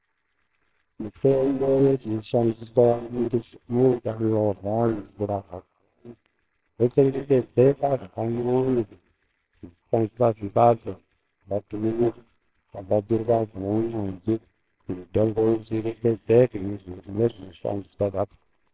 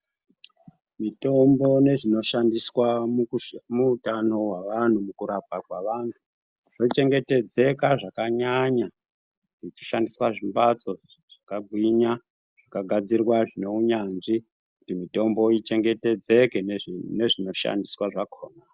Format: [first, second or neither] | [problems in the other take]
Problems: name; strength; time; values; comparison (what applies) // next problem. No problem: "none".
second | noise reduction (neural separator model SepFormer WHAMR!)